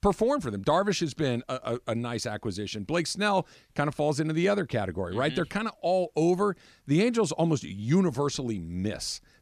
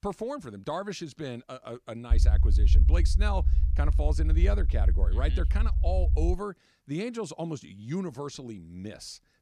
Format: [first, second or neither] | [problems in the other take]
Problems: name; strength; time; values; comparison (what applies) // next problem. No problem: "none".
first | low rumble; loud; from 2 to 6.5 s; 9 dB below the speech